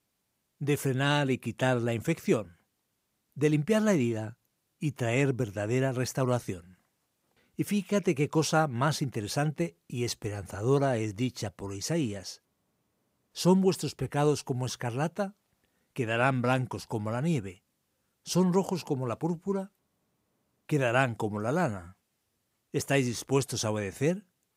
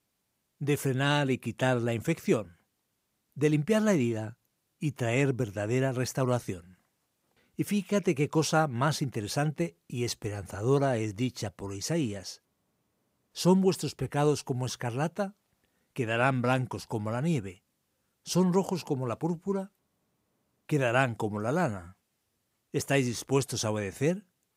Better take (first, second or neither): neither